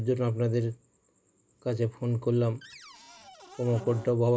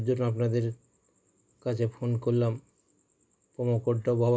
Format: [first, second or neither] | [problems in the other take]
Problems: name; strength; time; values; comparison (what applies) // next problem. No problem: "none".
second | background sound (Cupboard open or close); 17 dB below the speech